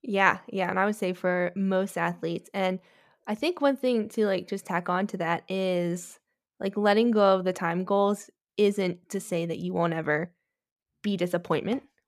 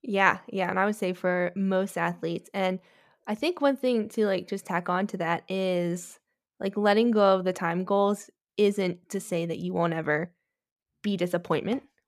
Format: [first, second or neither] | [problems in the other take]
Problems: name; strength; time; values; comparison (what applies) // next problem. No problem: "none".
neither | none